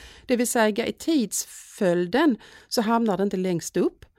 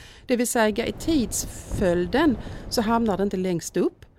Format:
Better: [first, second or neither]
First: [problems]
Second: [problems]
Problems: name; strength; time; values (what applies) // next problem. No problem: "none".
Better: first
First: none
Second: wind noise on the microphone; occasional gusts; 20 dB below the speech